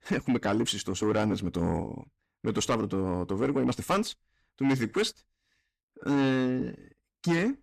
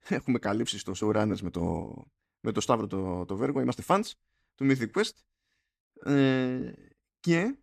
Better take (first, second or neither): second